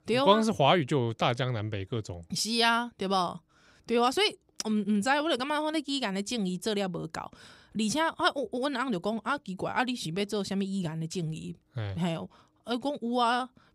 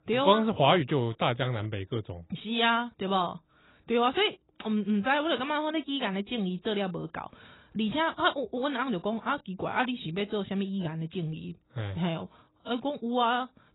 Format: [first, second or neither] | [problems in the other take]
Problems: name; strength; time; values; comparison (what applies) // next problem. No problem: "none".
first | garbled, watery; badly; nothing above 4 kHz